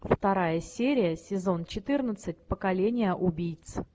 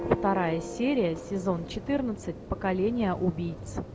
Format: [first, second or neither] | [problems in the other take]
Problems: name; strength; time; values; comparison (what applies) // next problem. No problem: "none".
first | background sound (Church bell); 10 dB below the speech